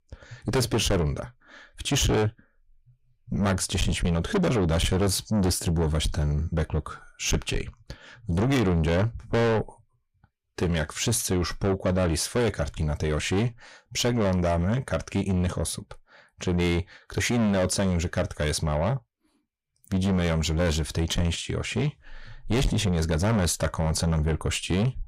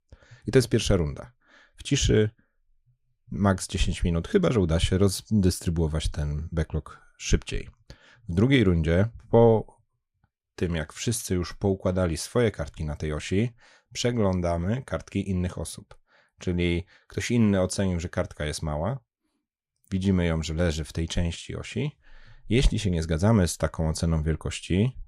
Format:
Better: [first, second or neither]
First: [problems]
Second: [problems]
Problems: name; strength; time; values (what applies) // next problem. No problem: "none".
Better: second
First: distortion; heavy; 5 dB below the speech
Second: none